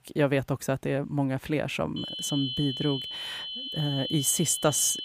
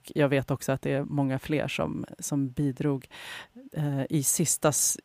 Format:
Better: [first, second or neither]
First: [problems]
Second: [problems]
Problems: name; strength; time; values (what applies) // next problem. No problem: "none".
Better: second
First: high-pitched whine; loud; from 2 s on; 3 kHz, 5 dB below the speech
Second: none